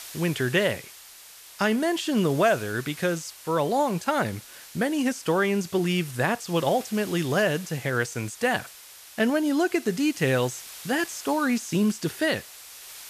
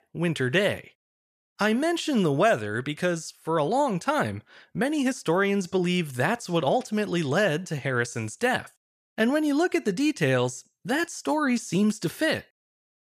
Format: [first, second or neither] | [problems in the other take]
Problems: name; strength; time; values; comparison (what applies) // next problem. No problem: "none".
second | hiss; noticeable; throughout; 15 dB below the speech